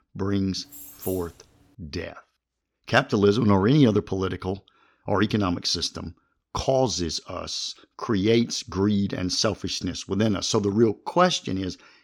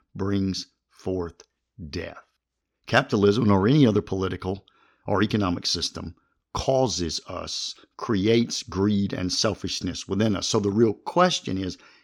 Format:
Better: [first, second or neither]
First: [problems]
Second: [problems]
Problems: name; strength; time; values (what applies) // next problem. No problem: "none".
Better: second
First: jangling keys; faint; at 0.5 s; peak 15 dB below the speech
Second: none